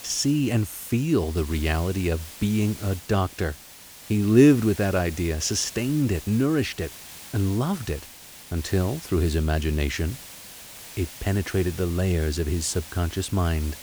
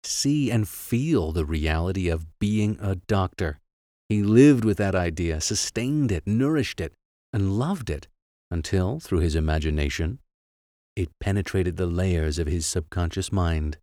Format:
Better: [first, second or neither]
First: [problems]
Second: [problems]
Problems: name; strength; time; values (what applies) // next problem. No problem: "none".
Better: second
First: hiss; noticeable; throughout; 15 dB below the speech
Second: none